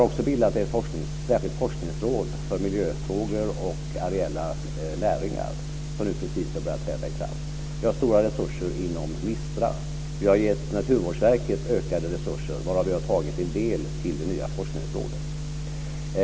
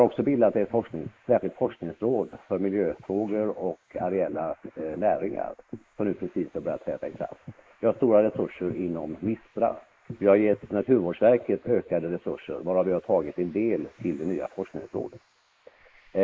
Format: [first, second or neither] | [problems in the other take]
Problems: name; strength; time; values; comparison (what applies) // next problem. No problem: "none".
first | noise reduction (neural mask model Resemble Enhance denoiser)